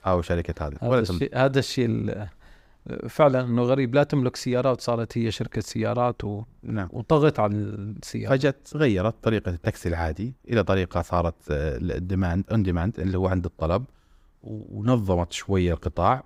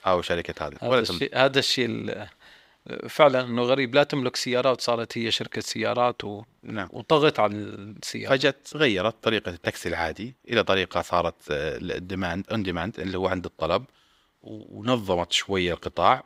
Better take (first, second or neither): first